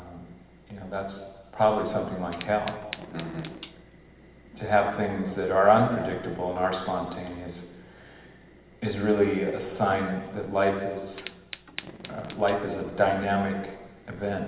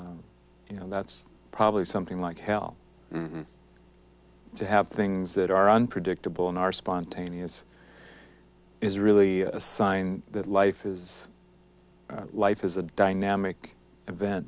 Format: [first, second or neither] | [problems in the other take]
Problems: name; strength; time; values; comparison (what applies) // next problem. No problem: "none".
second | background sound (Fire); 20 dB below the speech // room echo; dies away in 1.2 s